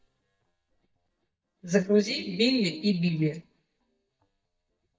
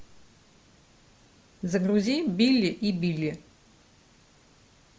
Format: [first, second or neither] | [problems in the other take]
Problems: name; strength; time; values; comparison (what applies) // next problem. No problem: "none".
second | noise reduction (neural mask model DeepFilterNet 3)